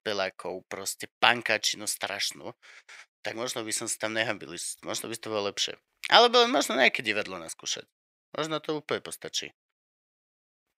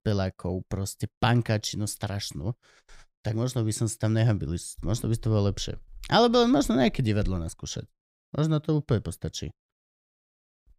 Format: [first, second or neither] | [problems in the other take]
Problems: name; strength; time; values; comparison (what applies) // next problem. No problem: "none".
second | thin; very; fading below 550 Hz